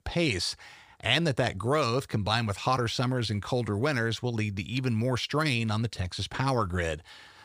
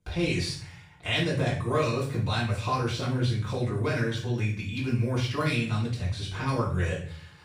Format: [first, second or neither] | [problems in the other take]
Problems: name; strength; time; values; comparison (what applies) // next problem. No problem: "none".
first | room echo; noticeable; dies away in 0.6 s // off-mic speech; far